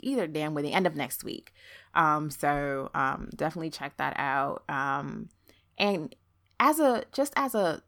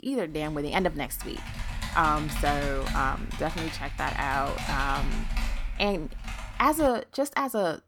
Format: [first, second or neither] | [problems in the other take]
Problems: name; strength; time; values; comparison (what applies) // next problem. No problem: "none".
first | keyboard typing; noticeable; until 7 s; peak 4 dB below the speech